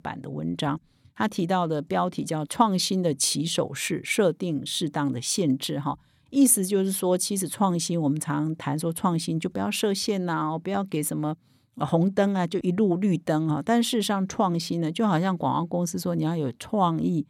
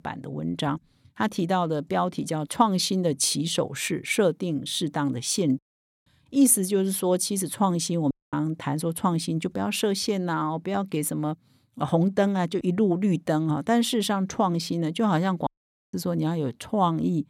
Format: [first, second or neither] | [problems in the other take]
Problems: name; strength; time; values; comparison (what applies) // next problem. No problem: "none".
first | audio cutting out; at 5.5 s, at 8 s and at 15 s